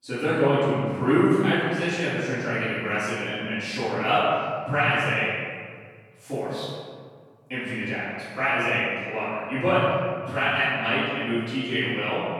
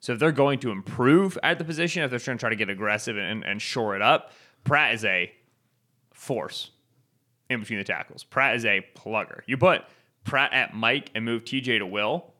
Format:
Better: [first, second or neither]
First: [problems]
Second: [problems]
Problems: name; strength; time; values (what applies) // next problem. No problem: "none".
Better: second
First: room echo; strong; dies away in 1.7 s // off-mic speech; far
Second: none